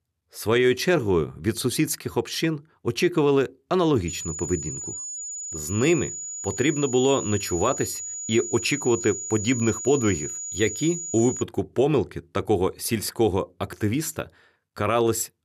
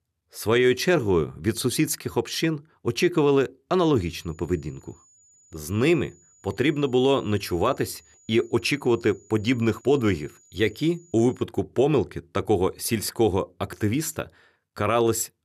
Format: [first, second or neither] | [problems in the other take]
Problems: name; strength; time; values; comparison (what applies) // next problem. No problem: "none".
second | high-pitched whine; loud; from 4 to 11 s; 7 kHz, 6 dB below the speech; faint in the second